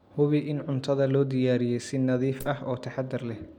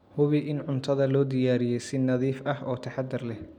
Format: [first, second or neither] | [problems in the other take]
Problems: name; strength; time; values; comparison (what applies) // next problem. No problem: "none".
second | background sound (Wood); 20 dB below the speech